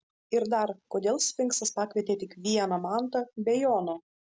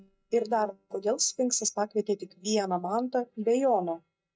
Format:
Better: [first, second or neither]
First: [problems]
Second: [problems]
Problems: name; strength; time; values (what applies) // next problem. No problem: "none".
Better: first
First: none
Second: noise reduction (neural mask model DeepFilterNet 3)